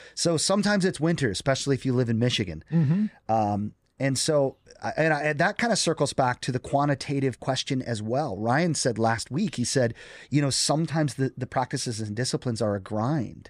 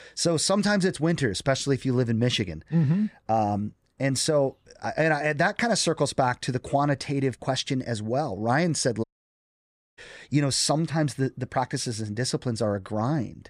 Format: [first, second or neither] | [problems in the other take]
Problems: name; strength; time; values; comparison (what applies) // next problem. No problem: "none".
first | audio cutting out; at 9 s for 1 s